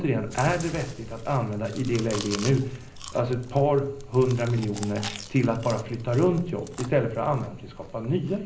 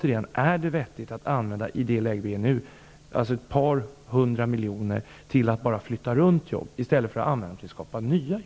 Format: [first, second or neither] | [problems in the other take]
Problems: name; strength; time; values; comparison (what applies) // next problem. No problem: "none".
second | background sound (Chewing, mastication); 14 dB below the speech // room echo; dies away in 0.5 s